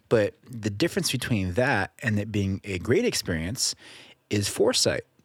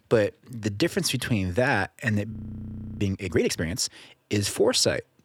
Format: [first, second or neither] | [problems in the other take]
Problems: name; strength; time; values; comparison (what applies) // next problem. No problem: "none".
first | audio freezing; at 2.5 s for 0.5 s